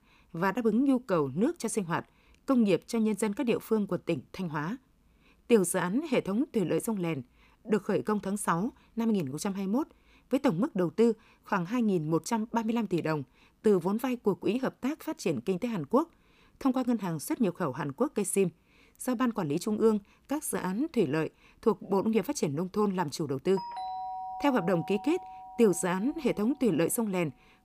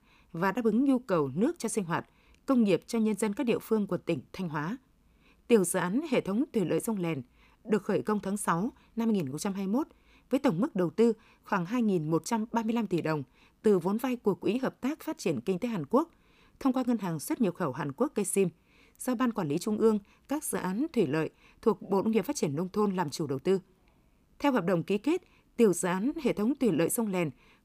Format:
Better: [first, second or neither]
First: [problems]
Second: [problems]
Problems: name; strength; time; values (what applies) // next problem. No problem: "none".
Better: second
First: doorbell; noticeable; from 24 to 26 s; peak 7 dB below the speech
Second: none